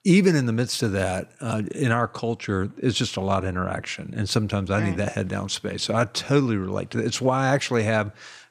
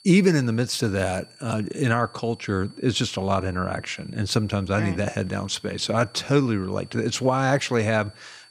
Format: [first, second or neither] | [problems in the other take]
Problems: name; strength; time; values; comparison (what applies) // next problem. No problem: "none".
first | high-pitched whine; faint; throughout; 4.5 kHz, 25 dB below the speech